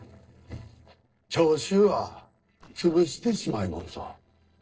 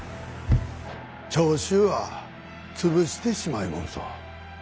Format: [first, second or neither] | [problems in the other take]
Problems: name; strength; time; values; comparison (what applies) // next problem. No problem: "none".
second | noise reduction (neural separator model SepFormer DNS4)